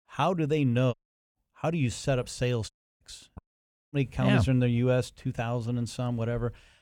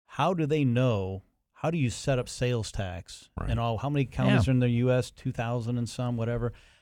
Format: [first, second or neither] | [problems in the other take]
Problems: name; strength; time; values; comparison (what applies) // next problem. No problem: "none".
second | audio cutting out; at 1 s, at 2.5 s and at 3.5 s for 0.5 s